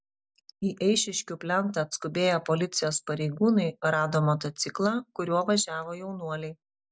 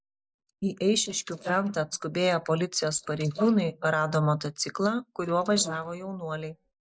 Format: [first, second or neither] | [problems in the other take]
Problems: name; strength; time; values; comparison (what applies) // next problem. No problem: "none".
first | noise reduction (neural mask model Resemble Enhance denoiser)